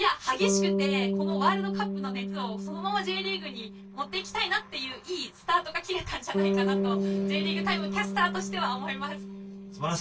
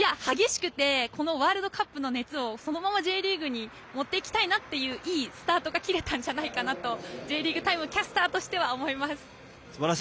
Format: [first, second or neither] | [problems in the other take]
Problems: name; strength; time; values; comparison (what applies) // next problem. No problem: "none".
second | noise reduction (neural separator model SepFormer DNS4)